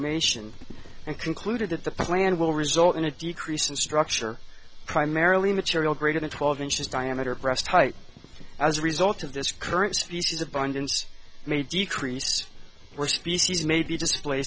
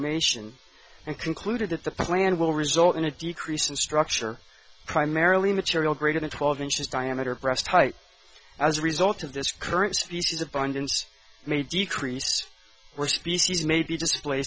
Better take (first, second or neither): second